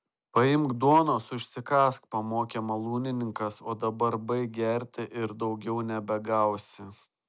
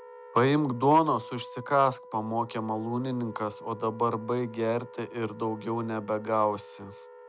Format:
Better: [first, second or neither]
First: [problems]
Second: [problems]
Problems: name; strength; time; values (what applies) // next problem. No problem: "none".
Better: first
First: none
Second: background sound (Wind instrument, woodwind instrument); 18 dB below the speech